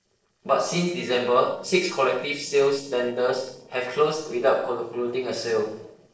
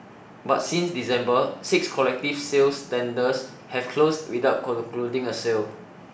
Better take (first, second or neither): second